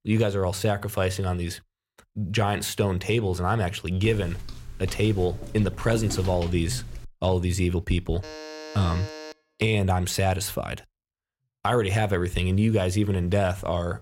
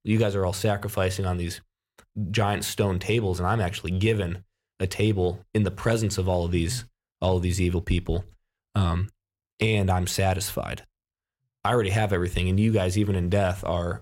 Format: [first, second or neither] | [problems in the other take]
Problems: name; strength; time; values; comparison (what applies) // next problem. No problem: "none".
second | footsteps; noticeable; from 4 to 7 s; peak 9 dB below the speech // alarm; faint; from 8 to 9.5 s; peak 10 dB below the speech